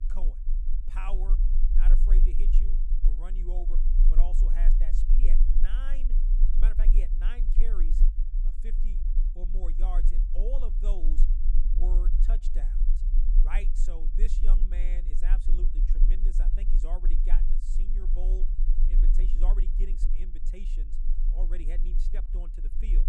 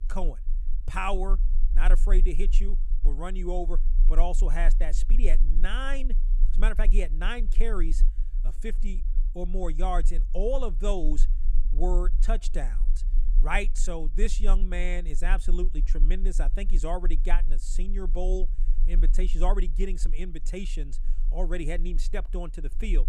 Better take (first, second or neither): second